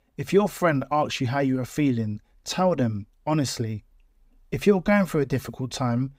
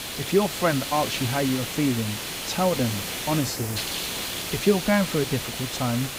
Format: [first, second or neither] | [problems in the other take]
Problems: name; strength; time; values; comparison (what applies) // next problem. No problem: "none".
first | hiss; loud; throughout; 4 dB below the speech